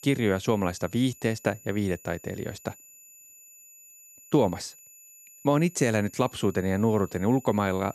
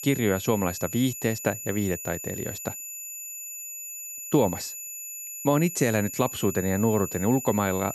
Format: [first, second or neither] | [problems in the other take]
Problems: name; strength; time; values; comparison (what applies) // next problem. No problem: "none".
first | high-pitched whine; loud; throughout; 7 kHz, 8 dB below the speech; faint in the first